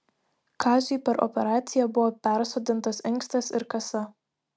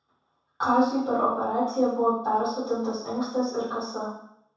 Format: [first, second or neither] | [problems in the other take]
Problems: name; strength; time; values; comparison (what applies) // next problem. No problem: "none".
first | room echo; dies away in 0.7 s